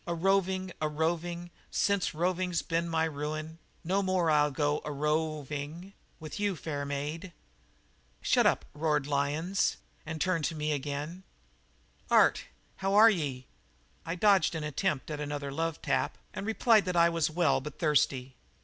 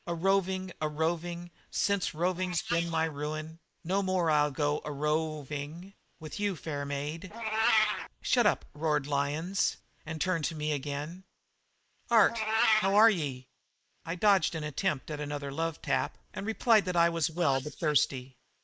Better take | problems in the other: first | noise reduction (neural mask model Resemble Enhance denoiser)

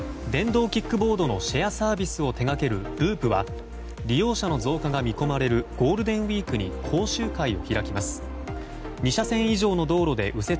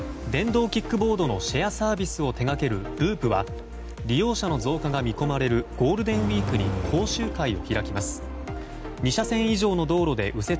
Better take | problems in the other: first | background sound (Engine); 6 dB below the speech

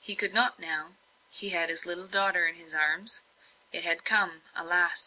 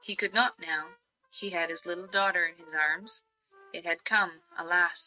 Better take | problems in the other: first | noise reduction (neural mask model RNNoise)

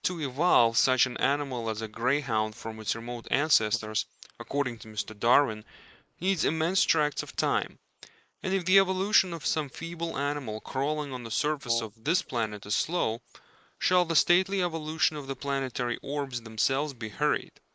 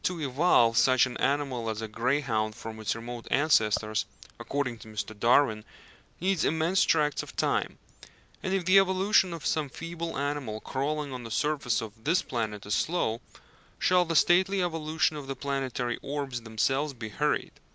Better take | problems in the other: second | noise reduction (neural mask model Resemble Enhance denoiser)

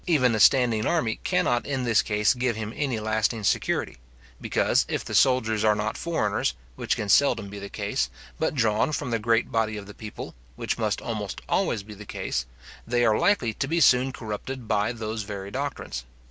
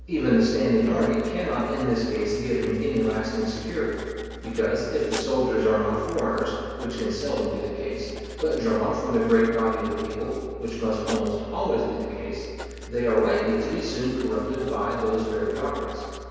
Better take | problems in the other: first | background sound (Writing); 19 dB below the speech // room echo; dies away in 2.2 s

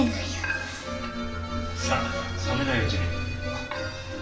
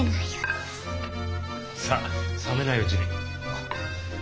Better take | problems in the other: second | background sound (Livestock, farm animals, working animals); 5 dB below the speech // room echo; dies away in 2.2 s

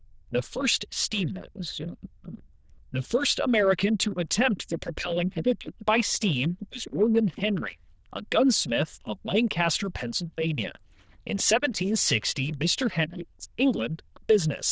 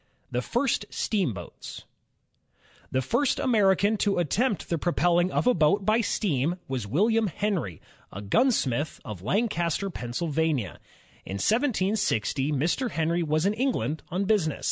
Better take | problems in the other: second | noise reduction (neural diffusion model UNIVERSE++)

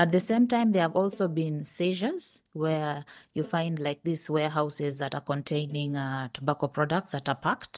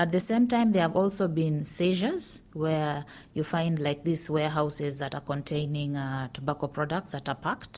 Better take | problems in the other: second | noise reduction (neural mask model DeepFilterNet 3)

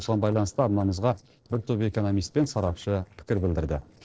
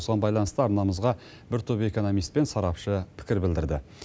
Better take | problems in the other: second | noise reduction (neural separator model SepFormer DNS4)

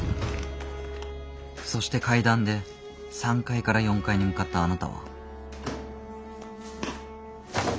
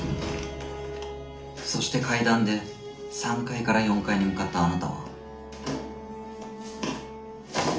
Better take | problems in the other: first | room echo; dies away in 0.4 s

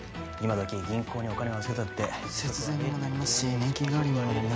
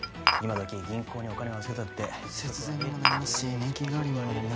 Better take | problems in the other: first | background sound (Glass); 1 dB above the speech

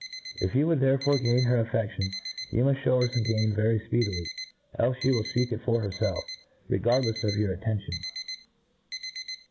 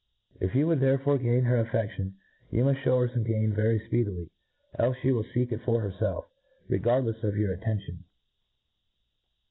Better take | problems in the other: second | background sound (Alarm); 13 dB below the speech

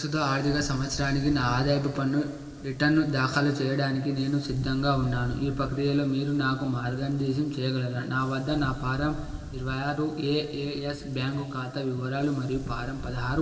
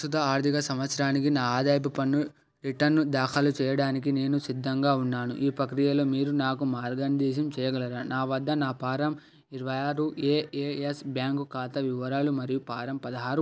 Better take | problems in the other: second | background sound (Wind); 13 dB below the speech // room echo; dies away in 2.6 s

